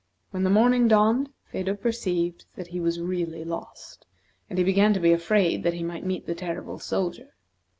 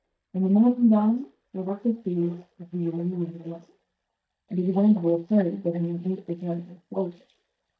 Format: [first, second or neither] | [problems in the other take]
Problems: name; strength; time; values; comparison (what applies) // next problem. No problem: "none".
first | noise reduction (neural mask model DeepFilterNet 3)